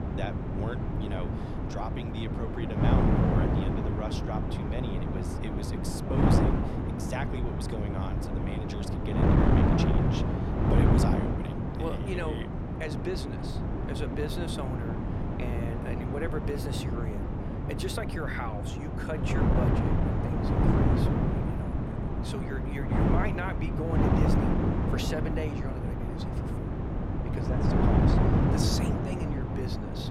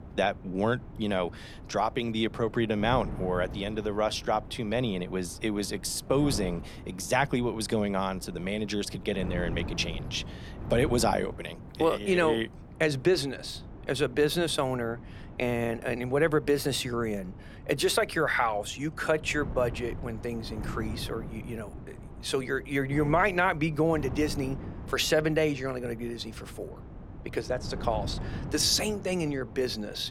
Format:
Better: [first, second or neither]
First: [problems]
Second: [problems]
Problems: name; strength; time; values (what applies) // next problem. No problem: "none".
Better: second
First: wind noise on the microphone; heavy; 4 dB above the speech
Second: wind noise on the microphone; occasional gusts; 20 dB below the speech